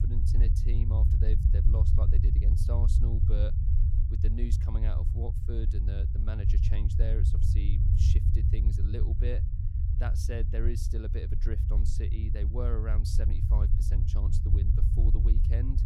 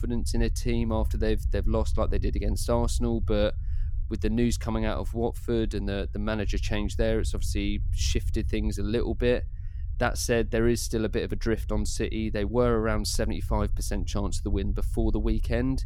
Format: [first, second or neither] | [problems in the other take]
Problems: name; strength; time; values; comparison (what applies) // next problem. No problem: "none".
second | low rumble; loud; throughout; as loud as the speech; faint in the second